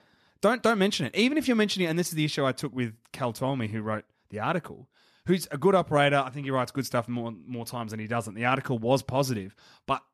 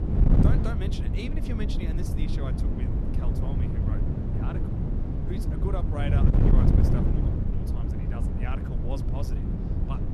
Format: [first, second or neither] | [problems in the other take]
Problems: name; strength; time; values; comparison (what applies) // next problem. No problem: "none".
first | wind noise on the microphone; heavy; 4 dB above the speech